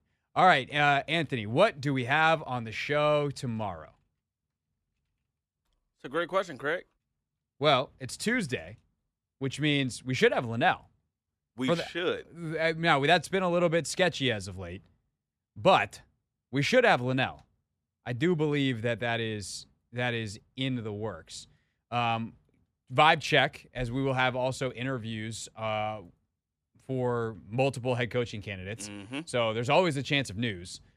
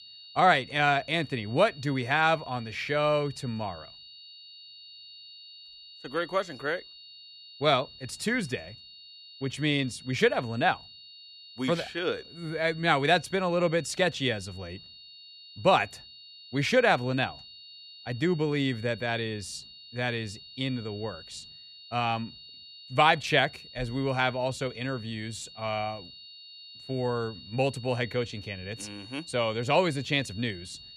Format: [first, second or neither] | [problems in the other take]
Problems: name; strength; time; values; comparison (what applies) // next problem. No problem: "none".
first | high-pitched whine; noticeable; throughout; 4.5 kHz, 20 dB below the speech